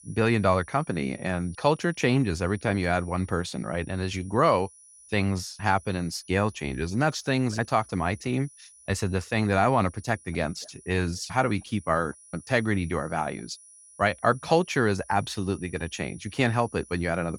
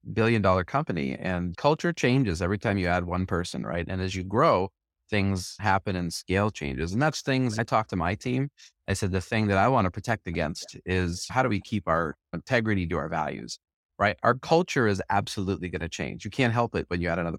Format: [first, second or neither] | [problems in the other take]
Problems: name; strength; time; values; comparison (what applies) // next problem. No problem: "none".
second | high-pitched whine; faint; throughout; 10 kHz, 25 dB below the speech